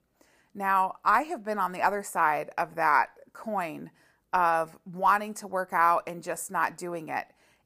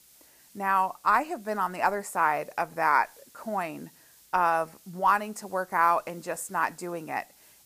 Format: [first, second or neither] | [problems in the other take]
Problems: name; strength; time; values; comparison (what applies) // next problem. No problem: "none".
first | hiss; faint; throughout; 25 dB below the speech